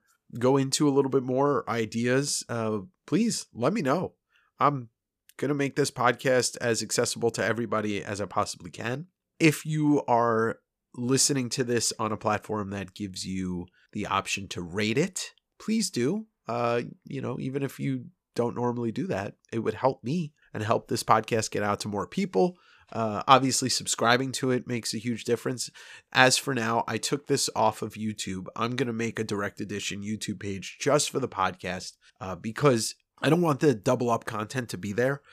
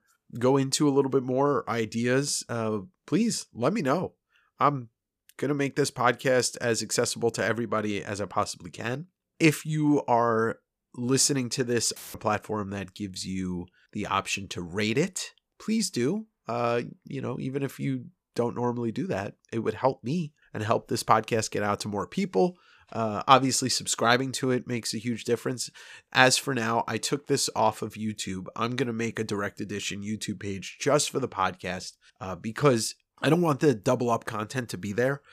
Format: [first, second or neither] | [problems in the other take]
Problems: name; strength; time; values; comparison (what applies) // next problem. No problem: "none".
first | audio cutting out; filled with static; at 12 s